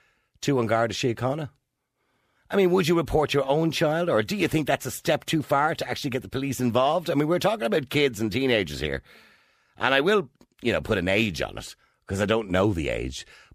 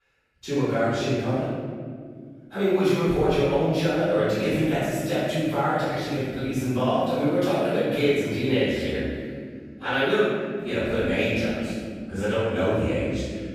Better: first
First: none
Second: off-mic speech; far // room echo; strong; dies away in 2.2 s

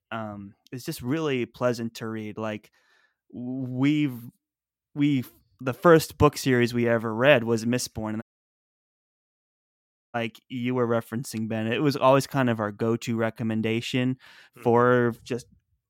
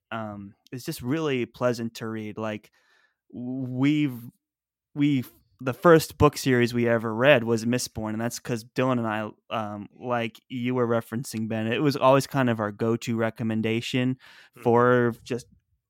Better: second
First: audio cutting out; at 8 s for 2 s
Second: none

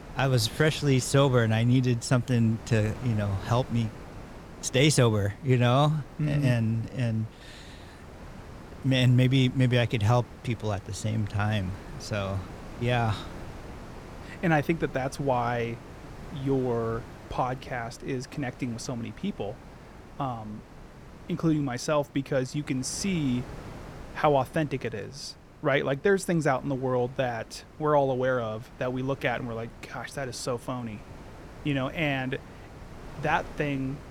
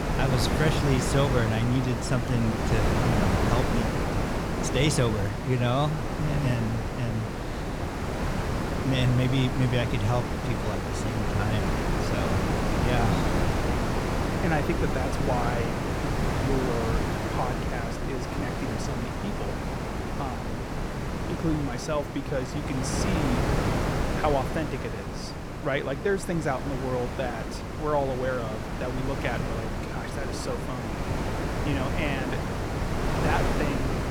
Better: first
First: wind noise on the microphone; occasional gusts; 20 dB below the speech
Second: wind noise on the microphone; heavy; as loud as the speech

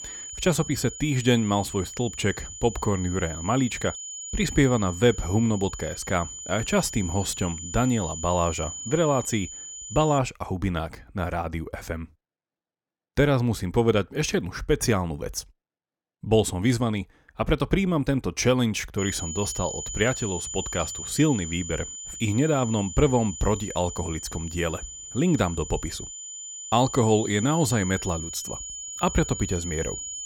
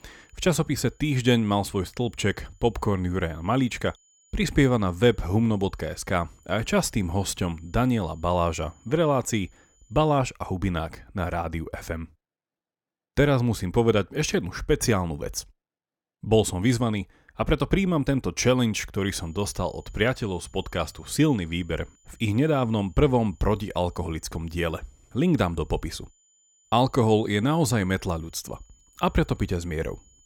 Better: second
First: high-pitched whine; loud; until 10 s and from 19 s on; 7 kHz, 9 dB below the speech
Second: high-pitched whine; faint; until 10 s and from 19 s on; 7 kHz, 35 dB below the speech

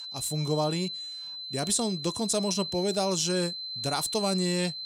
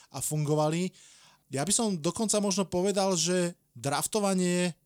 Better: second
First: high-pitched whine; loud; throughout; 4 kHz, 5 dB below the speech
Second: none

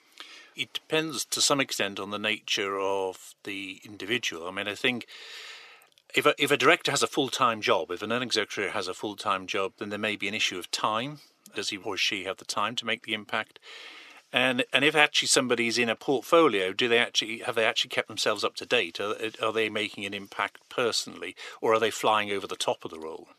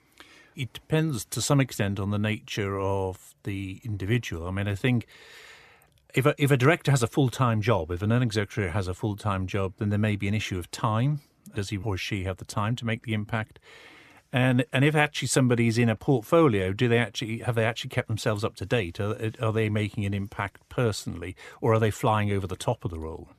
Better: second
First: thin; somewhat; fading below 400 Hz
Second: none

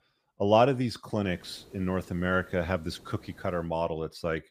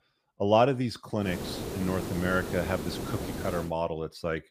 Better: first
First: hiss; faint; from 1.5 to 3.5 s; 25 dB below the speech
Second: hiss; loud; from 1.5 to 3.5 s; 7 dB below the speech

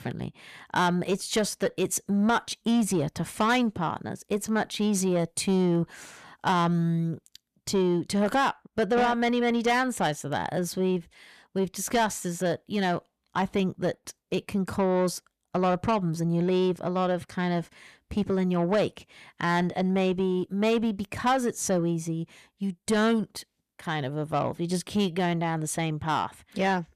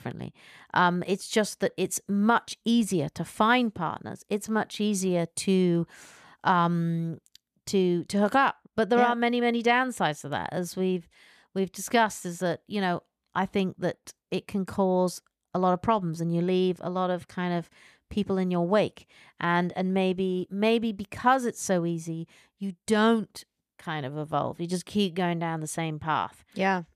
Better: second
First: distortion; slight; 10 dB below the speech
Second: none

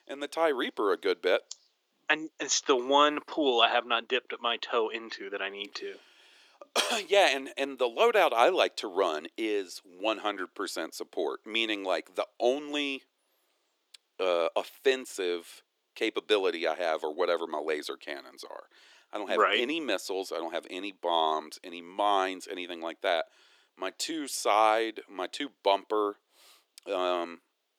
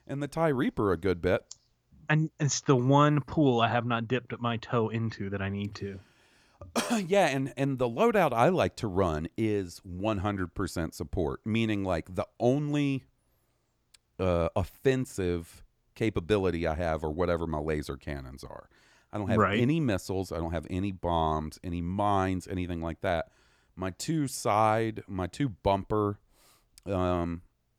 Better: second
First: thin; somewhat; fading below 350 Hz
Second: none

